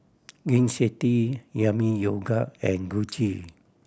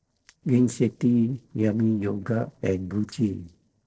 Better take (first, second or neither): first